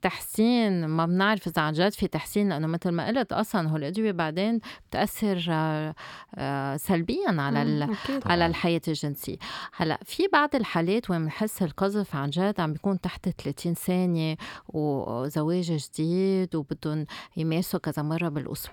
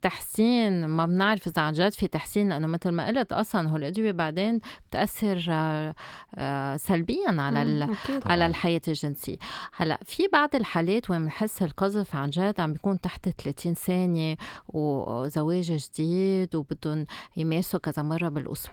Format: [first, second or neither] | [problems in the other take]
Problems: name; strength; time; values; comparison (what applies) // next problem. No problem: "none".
first | garbled, watery; slightly; nothing above 18 kHz